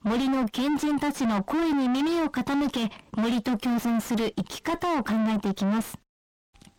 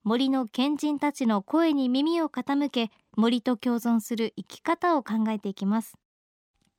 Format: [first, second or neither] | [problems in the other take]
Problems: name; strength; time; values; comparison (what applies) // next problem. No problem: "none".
second | distortion; heavy; 5 dB below the speech